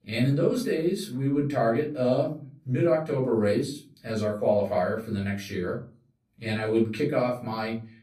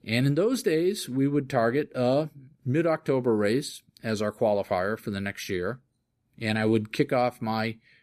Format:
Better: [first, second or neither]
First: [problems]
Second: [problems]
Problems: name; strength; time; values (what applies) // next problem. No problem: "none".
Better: second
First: off-mic speech; far // room echo; slight; dies away in 0.3 s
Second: none